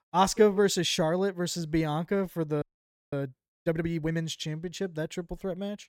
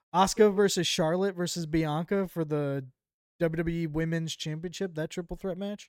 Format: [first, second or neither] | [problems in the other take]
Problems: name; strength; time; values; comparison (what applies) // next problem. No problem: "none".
second | audio freezing; at 2.5 s for 0.5 s